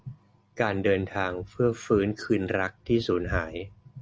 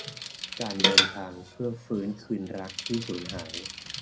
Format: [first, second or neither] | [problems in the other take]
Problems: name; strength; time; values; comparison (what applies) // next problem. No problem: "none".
first | background sound (Bicycle); 3 dB above the speech // room echo; dies away in 0.2 s